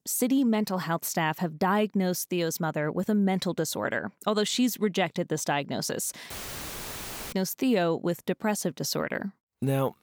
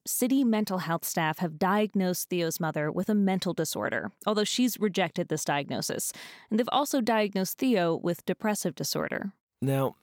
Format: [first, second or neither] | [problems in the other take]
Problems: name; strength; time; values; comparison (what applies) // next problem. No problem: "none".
second | audio cutting out; filled with static; at 6.5 s for 1 s